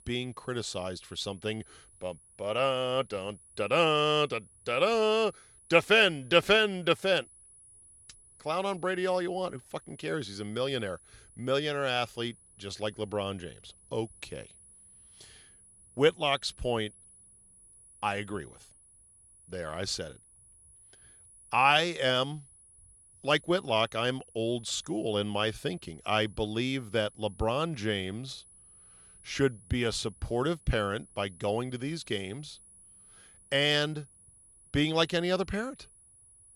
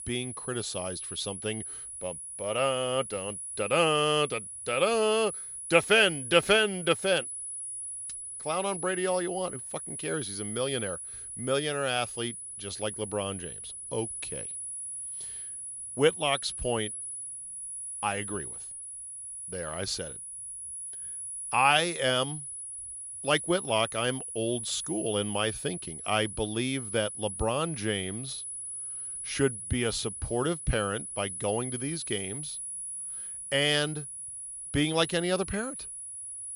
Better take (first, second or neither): first